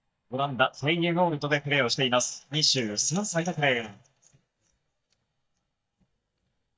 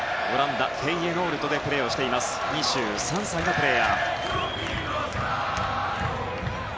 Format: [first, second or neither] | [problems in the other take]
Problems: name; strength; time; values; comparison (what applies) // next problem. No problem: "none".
second | noise reduction (neural mask model DeepFilterNet 3)